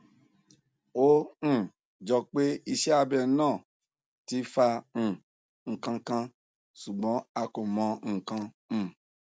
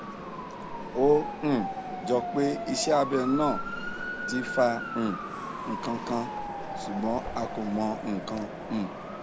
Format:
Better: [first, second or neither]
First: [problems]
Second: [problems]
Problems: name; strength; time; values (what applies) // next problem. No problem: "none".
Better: first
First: none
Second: background sound (Motor vehicle (road) / Siren + Mechanisms); 6 dB below the speech